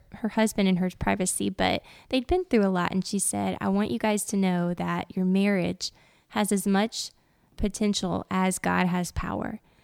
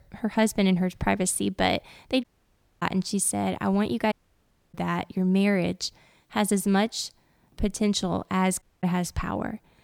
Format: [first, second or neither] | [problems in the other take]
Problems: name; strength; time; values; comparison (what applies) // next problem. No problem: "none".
first | audio cutting out; at 2 s for 0.5 s, at 4 s for 0.5 s and at 8.5 s